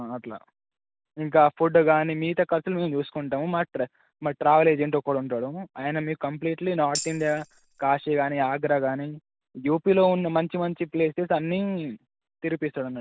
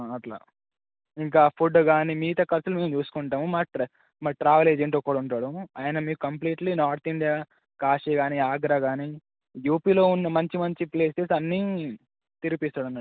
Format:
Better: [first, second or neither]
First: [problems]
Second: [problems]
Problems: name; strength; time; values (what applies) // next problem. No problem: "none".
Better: second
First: background sound (Tambourine); 12 dB below the speech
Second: none